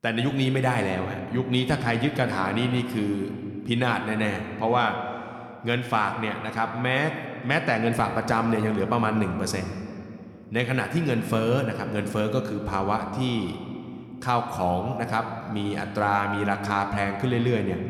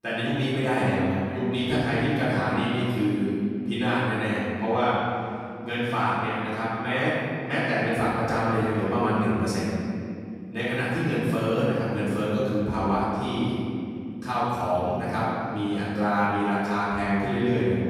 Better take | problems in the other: first | room echo; strong; dies away in 2.6 s; slight in the first // off-mic speech; far

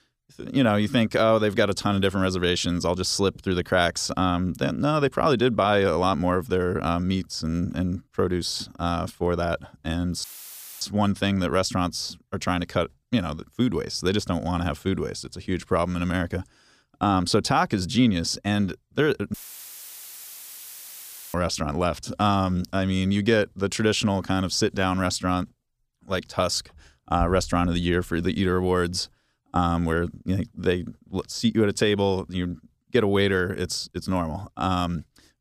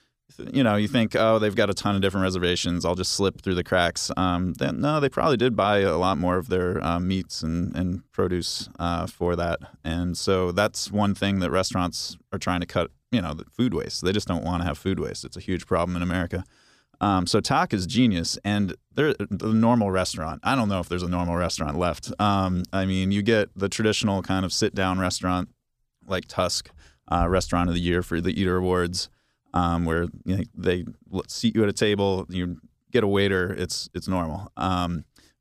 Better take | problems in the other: second | audio cutting out; filled with static; at 10 s for 0.5 s and at 19 s for 2 s

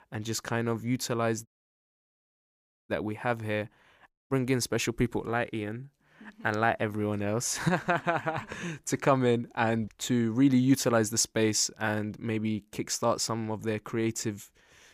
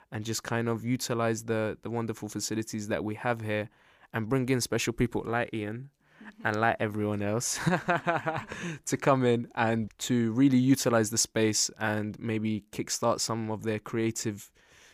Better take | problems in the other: second | audio cutting out; at 1.5 s for 1.5 s and at 4 s

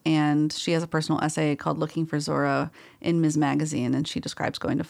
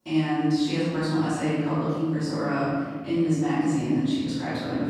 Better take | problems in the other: first | off-mic speech; far // room echo; strong; dies away in 1.9 s

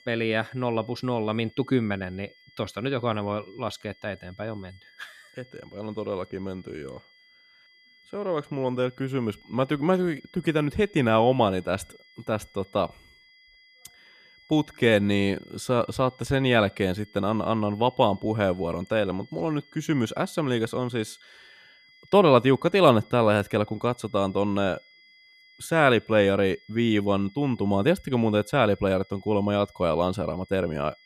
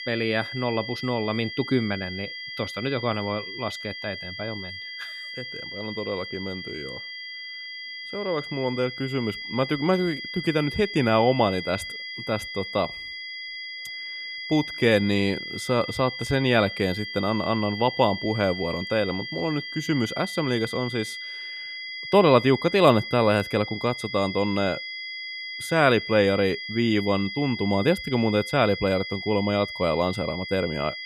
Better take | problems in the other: first | high-pitched whine; loud; throughout; 2 kHz, 8 dB below the speech; faint in the first

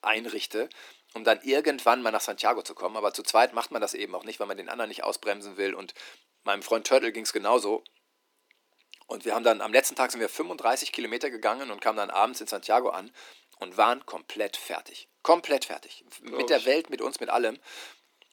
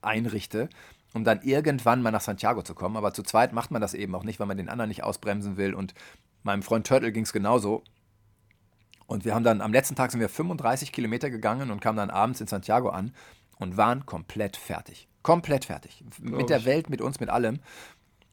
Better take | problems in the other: second | thin; somewhat; fading below 300 Hz

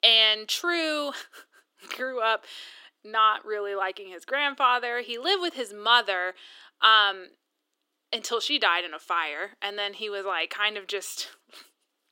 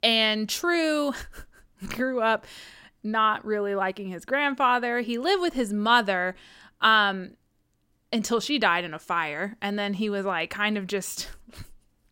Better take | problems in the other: second | thin; very; fading below 300 Hz

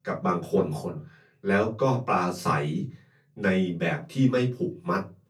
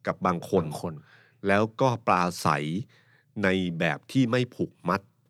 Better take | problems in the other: second | off-mic speech; far // room echo; very slight; dies away in 0.2 s

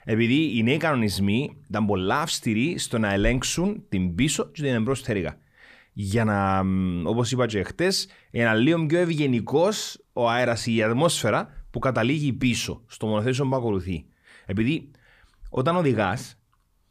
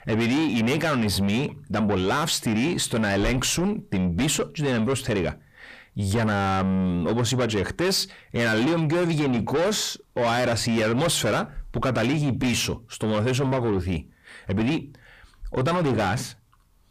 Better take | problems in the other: first | distortion; heavy; 8 dB below the speech

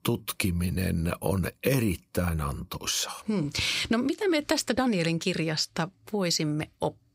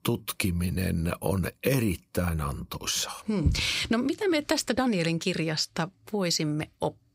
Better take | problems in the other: first | low rumble; noticeable; from 2.5 to 5 s; 15 dB below the speech

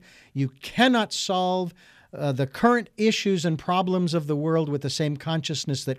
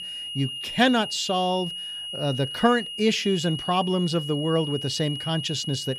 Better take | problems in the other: first | high-pitched whine; loud; throughout; 3 kHz, 7 dB below the speech

